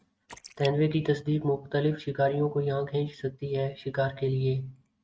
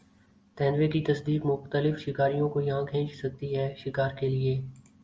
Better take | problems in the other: second | noise reduction (neural mask model RNNoise)

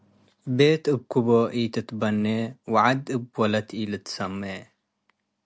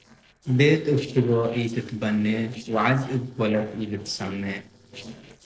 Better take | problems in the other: first | noise reduction (neural separator model SepFormer DNS4)

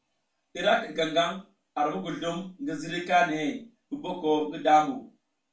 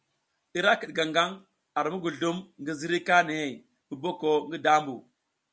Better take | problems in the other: second | room echo; dies away in 0.3 s

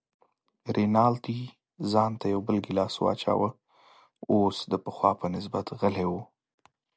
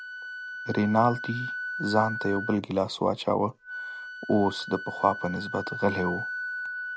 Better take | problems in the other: first | background sound (Wind instrument, woodwind instrument); 8 dB below the speech

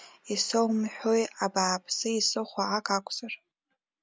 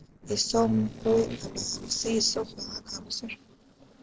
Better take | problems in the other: first | noise reduction (neural separator model SepFormer DNS4)

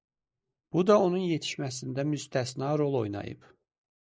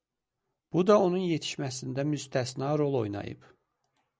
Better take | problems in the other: second | noise reduction (neural mask model Resemble Enhance denoiser)

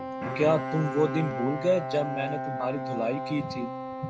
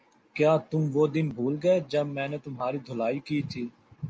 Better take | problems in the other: second | background sound (Bowed string instrument + Wind instrument, woodwind instrument); 5 dB below the speech

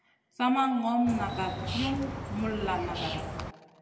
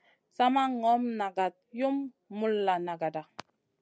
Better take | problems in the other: second | background sound (Bird); 5 dB below the speech // room echo; dies away in 1.6 s

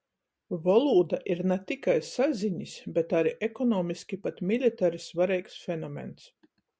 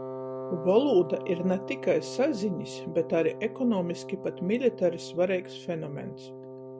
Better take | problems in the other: first | background sound (Wind instrument, woodwind instrument); 11 dB below the speech

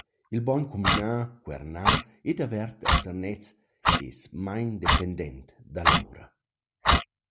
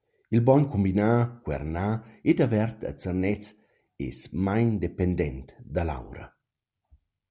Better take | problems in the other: second | background sound (Clock); 4 dB above the speech

